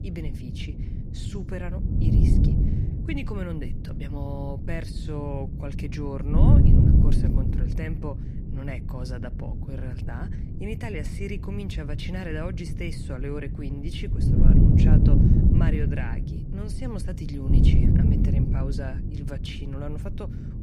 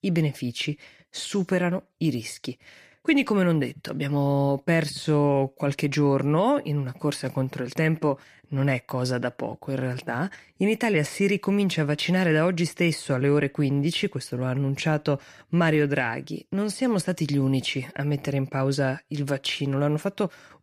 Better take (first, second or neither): second